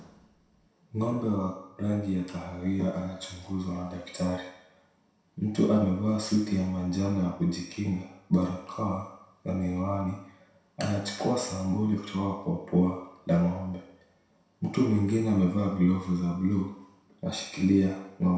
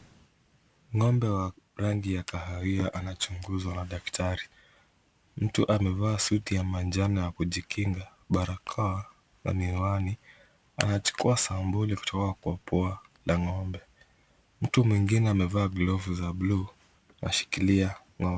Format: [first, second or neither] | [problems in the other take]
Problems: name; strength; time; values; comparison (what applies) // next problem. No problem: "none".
second | room echo; dies away in 0.7 s